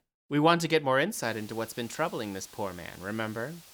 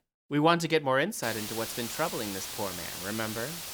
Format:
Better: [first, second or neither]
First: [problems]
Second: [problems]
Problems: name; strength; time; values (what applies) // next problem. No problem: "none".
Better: first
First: hiss; faint; from 1 s on; 20 dB below the speech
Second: hiss; loud; from 1 s on; 6 dB below the speech